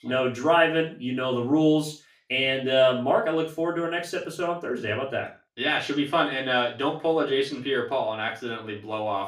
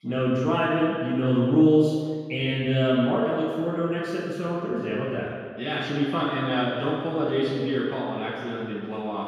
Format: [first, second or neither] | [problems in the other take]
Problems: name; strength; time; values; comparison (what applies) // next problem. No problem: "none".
first | room echo; strong; dies away in 2 s; slight in the first // off-mic speech; far; far in the first